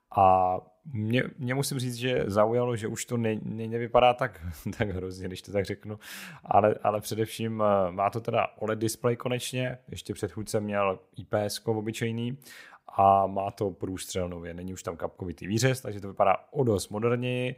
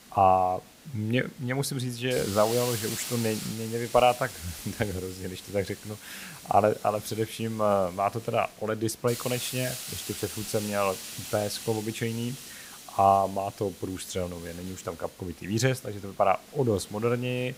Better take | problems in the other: first | hiss; noticeable; throughout; 10 dB below the speech

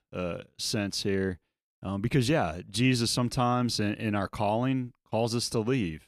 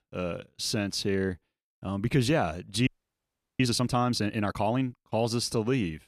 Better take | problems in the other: first | audio freezing; at 3 s for 0.5 s

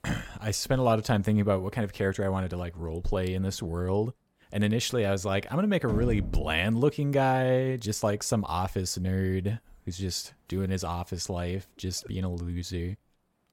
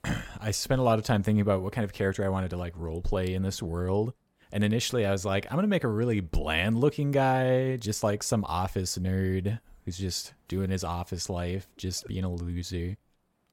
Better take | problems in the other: second | door banging; noticeable; at 6 s; peak 3 dB below the speech

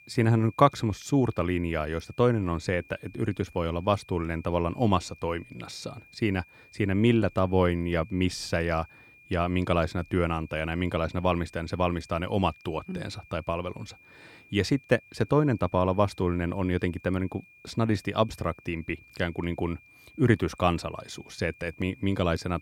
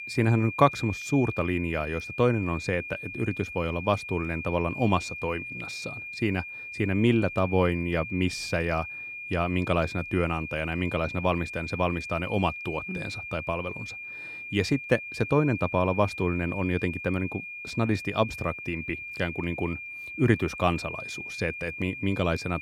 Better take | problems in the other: first | high-pitched whine; loud; throughout; 2.5 kHz, 8 dB below the speech; faint in the first

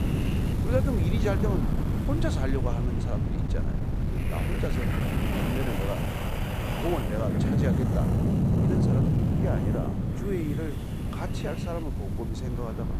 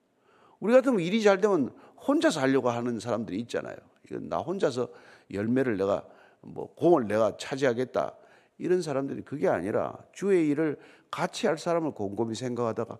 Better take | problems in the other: second | wind noise on the microphone; heavy; 1 dB above the speech

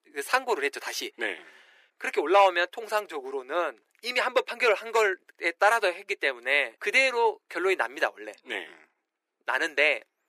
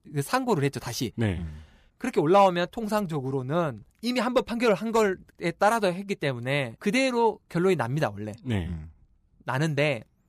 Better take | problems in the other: second | thin; very; fading below 350 Hz

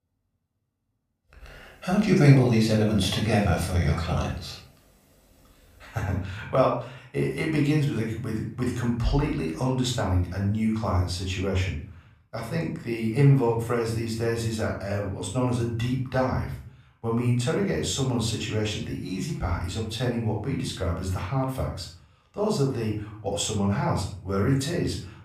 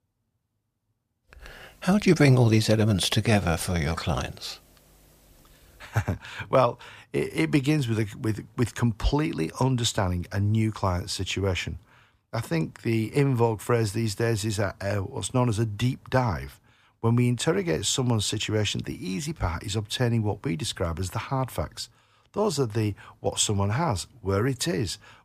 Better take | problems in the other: second | off-mic speech; somewhat distant // room echo; noticeable; dies away in 0.4 s

